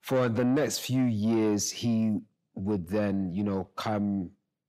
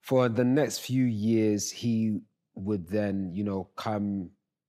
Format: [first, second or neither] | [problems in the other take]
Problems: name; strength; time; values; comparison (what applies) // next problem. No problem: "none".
second | distortion; slight; 10 dB below the speech